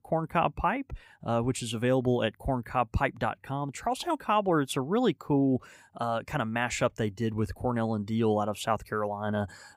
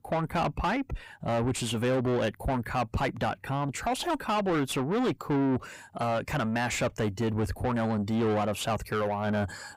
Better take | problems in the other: first | distortion; heavy; 7 dB below the speech

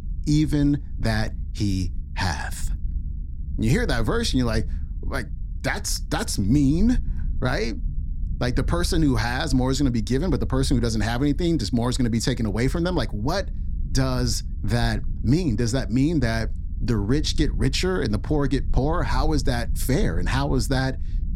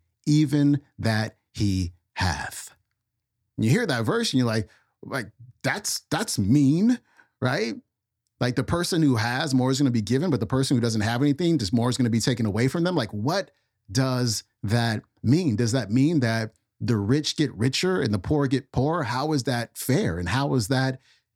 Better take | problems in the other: second | low rumble; faint; throughout; 20 dB below the speech

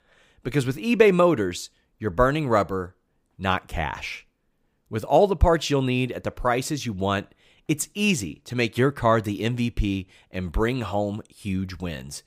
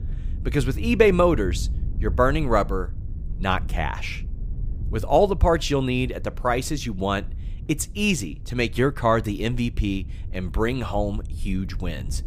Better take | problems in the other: first | wind noise on the microphone; occasional gusts; 25 dB below the speech

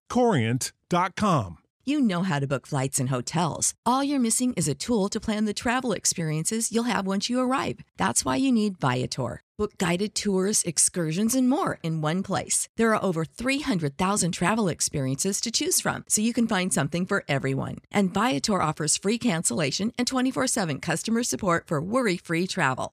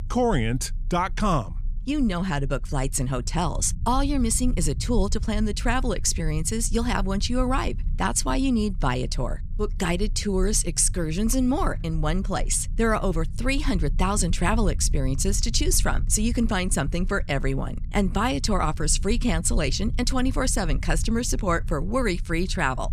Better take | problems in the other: first | low rumble; faint; throughout; 25 dB below the speech

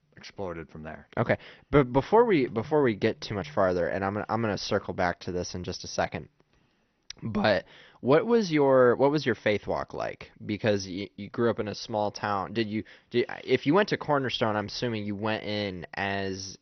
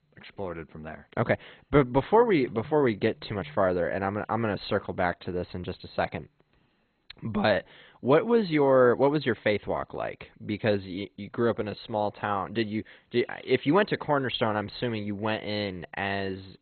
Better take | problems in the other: first | garbled, watery; badly; nothing above 4 kHz; slightly in the first

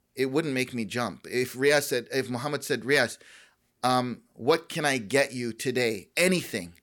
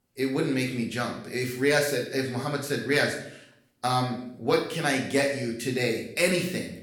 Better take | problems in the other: first | room echo; slight; dies away in 0.6 s // off-mic speech; somewhat distant

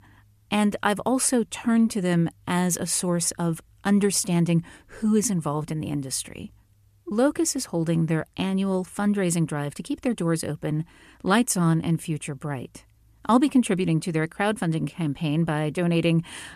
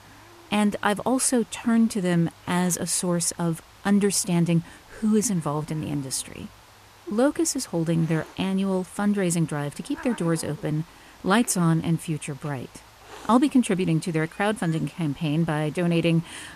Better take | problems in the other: first | hiss; faint; throughout; 25 dB below the speech

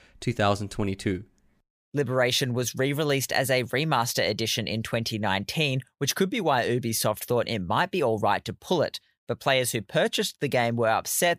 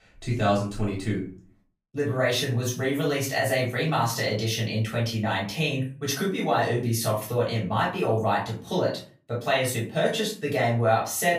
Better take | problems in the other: first | off-mic speech; far // room echo; slight; dies away in 0.4 s

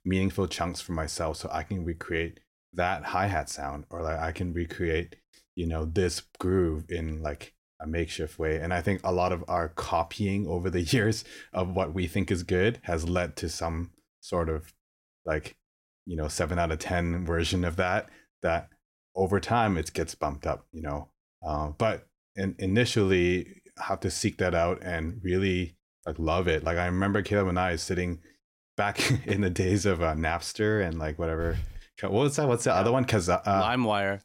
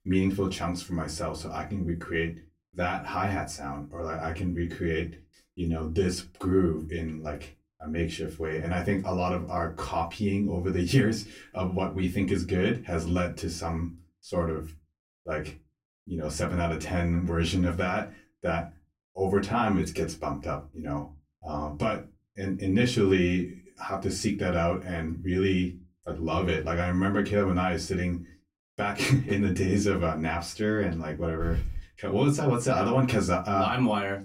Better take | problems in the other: first | off-mic speech; far // room echo; very slight; dies away in 0.2 s

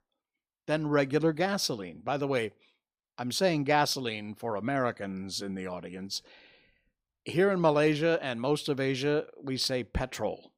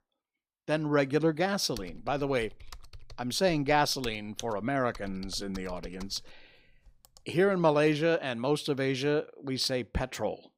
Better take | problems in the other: first | keyboard typing; faint; from 2 to 7 s; peak 15 dB below the speech

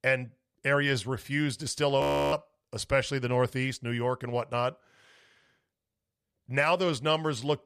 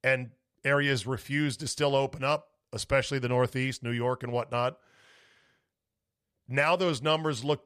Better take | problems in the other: second | audio freezing; at 2 s

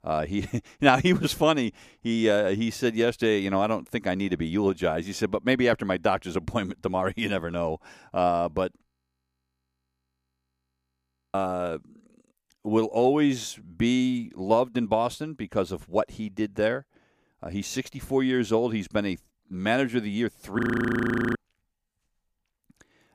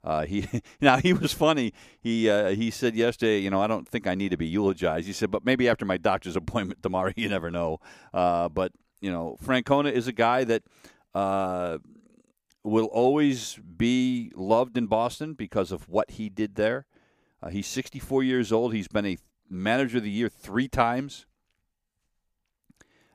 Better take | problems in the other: second | audio freezing; at 9 s for 2.5 s and at 21 s for 1 s

